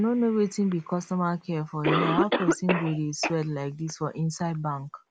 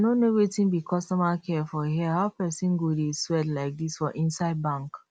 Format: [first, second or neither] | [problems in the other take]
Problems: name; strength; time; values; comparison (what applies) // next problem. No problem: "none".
second | background sound (Cough); 4 dB below the speech